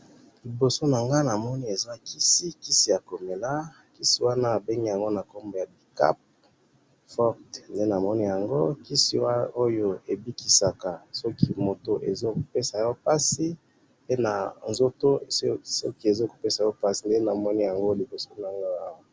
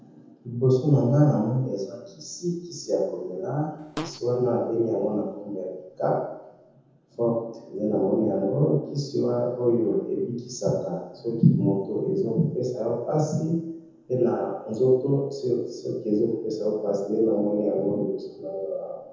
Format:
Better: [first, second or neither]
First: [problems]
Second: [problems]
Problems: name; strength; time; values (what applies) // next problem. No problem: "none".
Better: first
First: none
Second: background sound (Fart); 11 dB below the speech // room echo; dies away in 0.9 s